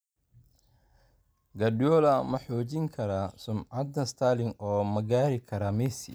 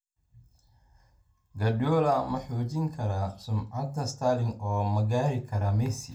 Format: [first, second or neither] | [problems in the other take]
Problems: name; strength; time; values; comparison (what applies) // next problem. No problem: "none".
first | room echo; dies away in 0.3 s